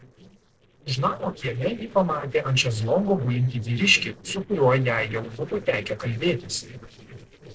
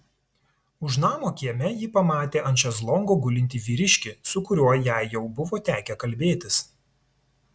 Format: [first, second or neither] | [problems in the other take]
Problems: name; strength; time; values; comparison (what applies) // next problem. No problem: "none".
second | noise reduction (neural separator model SepFormer DNS4)